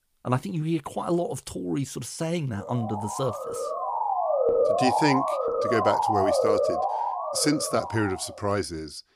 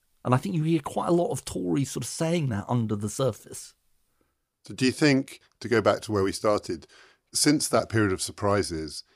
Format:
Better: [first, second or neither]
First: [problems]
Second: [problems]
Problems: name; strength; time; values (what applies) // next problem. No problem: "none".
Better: second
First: siren; loud; from 2.5 to 8 s; peak 6 dB above the speech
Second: none